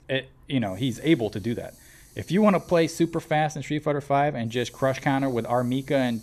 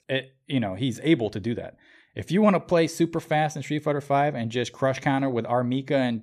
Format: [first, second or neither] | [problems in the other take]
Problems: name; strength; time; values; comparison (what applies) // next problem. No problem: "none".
second | hiss; faint; throughout; 25 dB below the speech